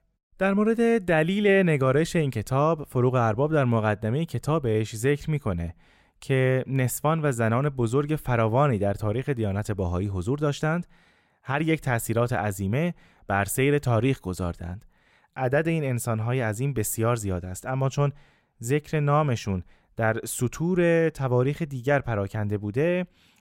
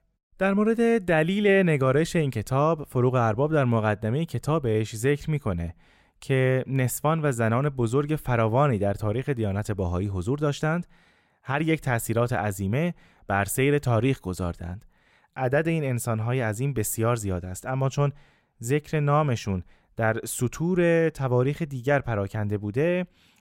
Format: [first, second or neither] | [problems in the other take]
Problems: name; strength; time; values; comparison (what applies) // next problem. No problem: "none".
neither | none